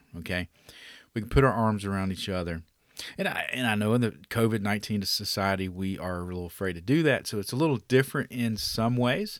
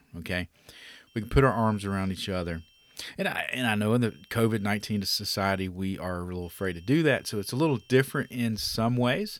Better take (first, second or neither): first